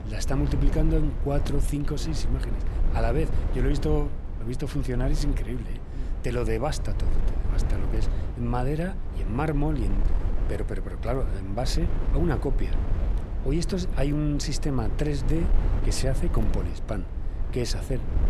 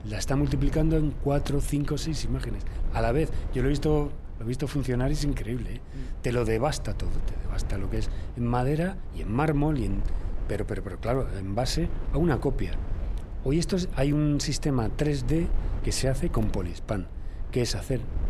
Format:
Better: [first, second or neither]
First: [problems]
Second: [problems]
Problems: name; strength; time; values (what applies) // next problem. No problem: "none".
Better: second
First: wind noise on the microphone; heavy; 9 dB below the speech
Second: wind noise on the microphone; occasional gusts; 15 dB below the speech